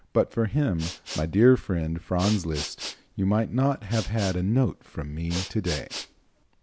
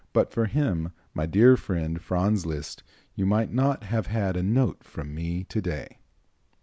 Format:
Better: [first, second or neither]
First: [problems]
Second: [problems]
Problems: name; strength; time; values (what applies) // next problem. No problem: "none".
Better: second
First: background sound (Respiratory sounds); 14 dB below the speech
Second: none